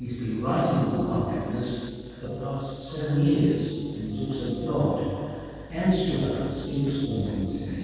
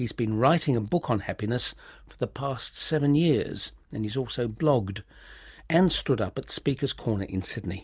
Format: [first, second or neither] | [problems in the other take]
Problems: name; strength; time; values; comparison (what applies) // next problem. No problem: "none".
second | noise reduction (neural separator model SepFormer DNS4)